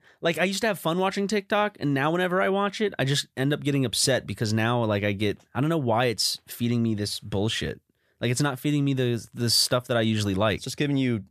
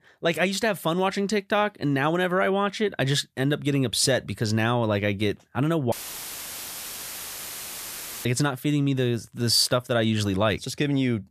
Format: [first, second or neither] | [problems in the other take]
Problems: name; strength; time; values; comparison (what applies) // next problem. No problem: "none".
first | audio cutting out; filled with static; at 6 s for 2.5 s